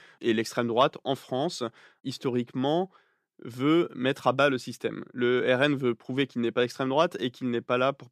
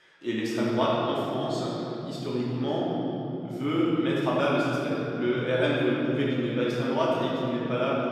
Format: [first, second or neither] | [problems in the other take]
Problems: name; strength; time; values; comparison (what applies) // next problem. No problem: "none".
first | off-mic speech; far // room echo; strong; dies away in 3 s